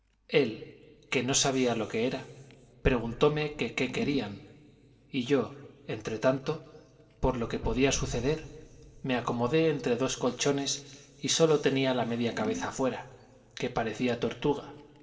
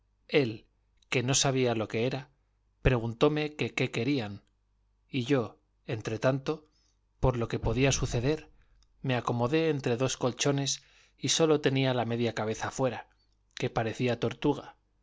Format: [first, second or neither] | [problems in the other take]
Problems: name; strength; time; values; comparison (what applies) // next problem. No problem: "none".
second | background sound (Scissors); 20 dB below the speech // room echo; dies away in 3 s